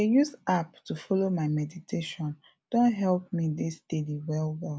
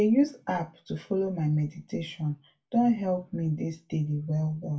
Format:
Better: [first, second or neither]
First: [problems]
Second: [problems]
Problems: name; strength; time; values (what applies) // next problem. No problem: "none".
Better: first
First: none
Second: room echo; dies away in 0.2 s